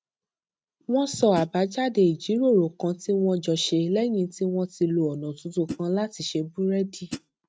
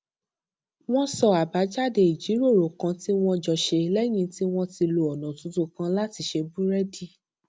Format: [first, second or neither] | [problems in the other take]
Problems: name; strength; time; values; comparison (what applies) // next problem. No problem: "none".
second | noise reduction (neural mask model RNNoise)